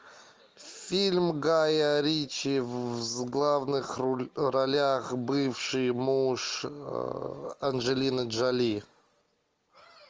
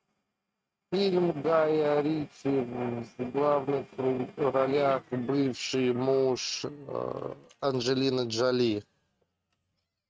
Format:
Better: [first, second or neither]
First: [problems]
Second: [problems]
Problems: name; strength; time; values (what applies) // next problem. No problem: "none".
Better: first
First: none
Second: noise reduction (neural mask model RNNoise)